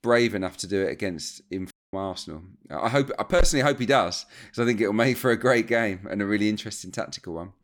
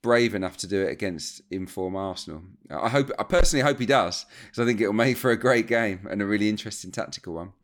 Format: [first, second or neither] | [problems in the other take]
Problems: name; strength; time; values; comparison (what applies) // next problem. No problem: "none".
second | audio cutting out; at 1.5 s